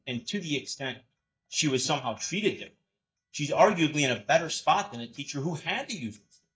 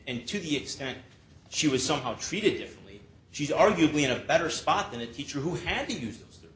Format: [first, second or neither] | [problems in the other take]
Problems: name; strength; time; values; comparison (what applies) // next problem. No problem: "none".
second | noise reduction (neural mask model DeepFilterNet 3)